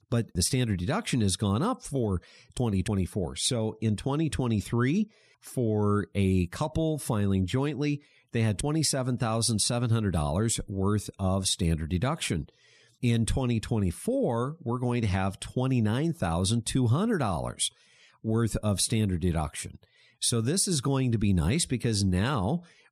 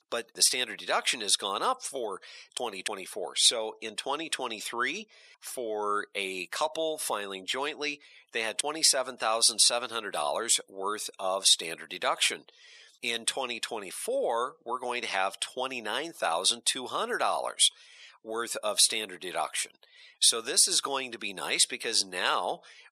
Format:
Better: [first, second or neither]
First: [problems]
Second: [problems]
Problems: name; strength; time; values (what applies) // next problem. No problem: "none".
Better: first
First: none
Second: thin; very; fading below 550 Hz